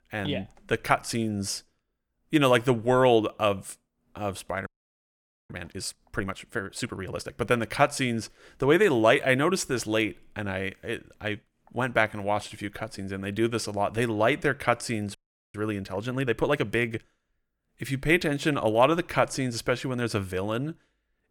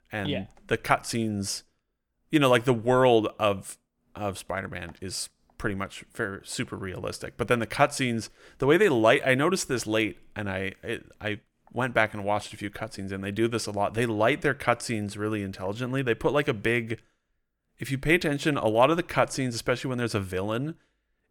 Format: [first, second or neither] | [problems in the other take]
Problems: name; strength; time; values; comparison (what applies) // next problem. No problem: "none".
second | audio freezing; at 4.5 s for 1 s and at 15 s